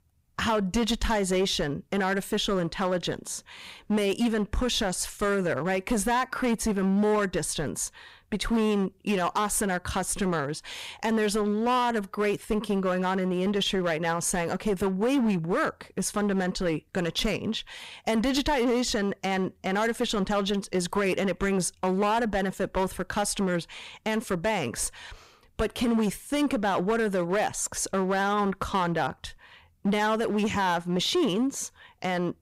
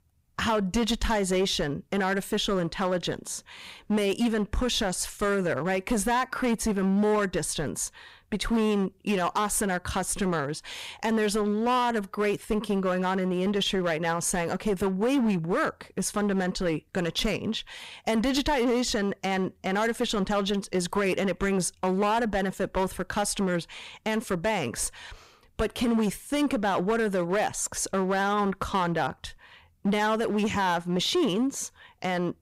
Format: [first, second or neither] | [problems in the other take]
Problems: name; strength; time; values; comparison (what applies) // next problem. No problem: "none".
neither | distortion; slight; 10% of the sound clipped; the same in both